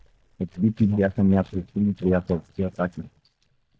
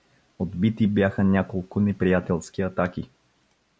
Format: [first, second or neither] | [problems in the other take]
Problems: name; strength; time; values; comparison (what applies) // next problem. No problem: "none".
second | noise reduction (neural mask model DeepFilterNet 3)